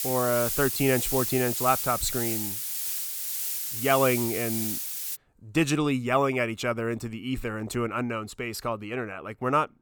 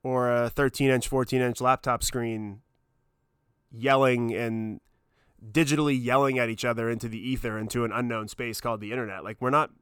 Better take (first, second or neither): second